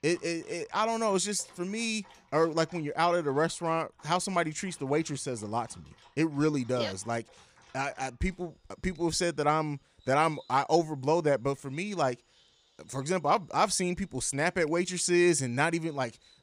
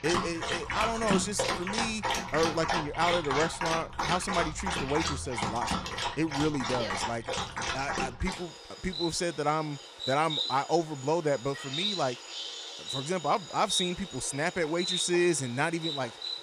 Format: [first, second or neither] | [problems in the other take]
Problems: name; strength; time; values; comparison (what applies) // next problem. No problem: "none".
first | animal sounds; loud; throughout; 2 dB below the speech; faint in the first